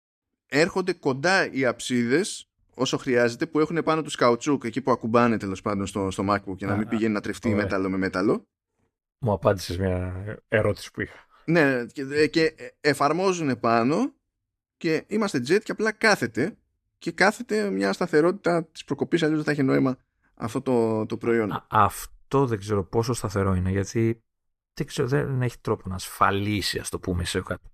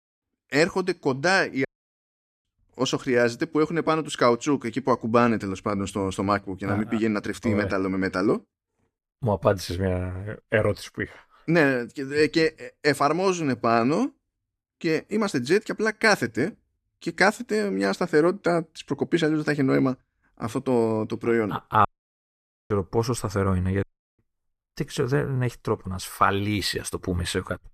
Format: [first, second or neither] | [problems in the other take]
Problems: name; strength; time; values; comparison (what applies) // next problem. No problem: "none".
first | audio cutting out; at 1.5 s for 1 s, at 22 s for 1 s and at 24 s